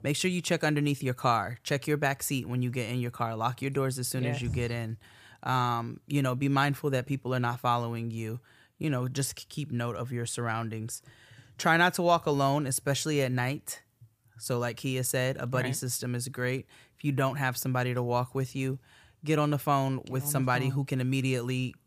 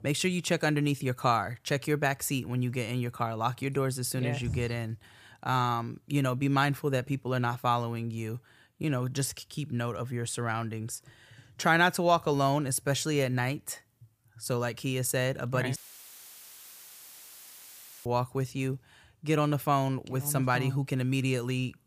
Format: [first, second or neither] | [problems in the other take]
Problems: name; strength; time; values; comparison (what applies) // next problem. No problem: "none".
first | audio cutting out; filled with static; at 16 s for 2.5 s